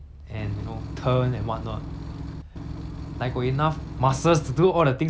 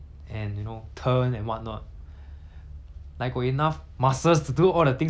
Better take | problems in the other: second | background sound (Engine / Truck / Car); 9 dB below the speech

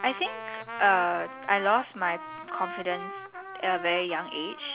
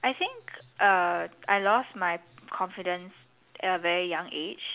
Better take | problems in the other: second | background sound (Trumpet); 11 dB below the speech

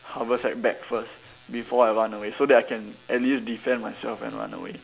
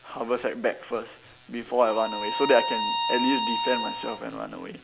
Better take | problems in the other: first | background sound (Bowed string instrument); 2 dB below the speech

